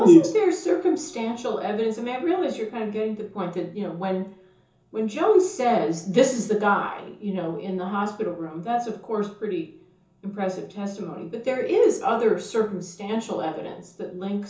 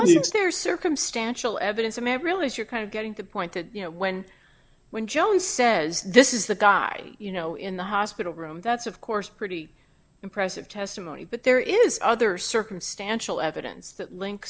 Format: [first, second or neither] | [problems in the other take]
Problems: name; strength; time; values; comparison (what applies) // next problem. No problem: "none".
second | room echo; dies away in 0.6 s